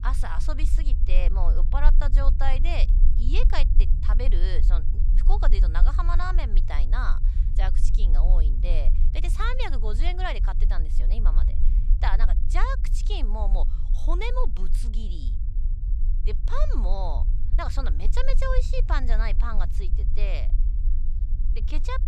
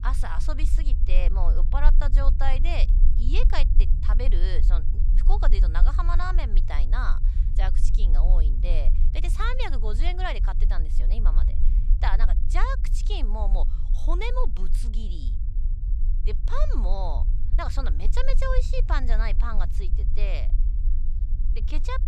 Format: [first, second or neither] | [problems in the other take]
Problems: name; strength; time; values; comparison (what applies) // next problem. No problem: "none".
neither | low rumble; noticeable; throughout; 15 dB below the speech; the same in both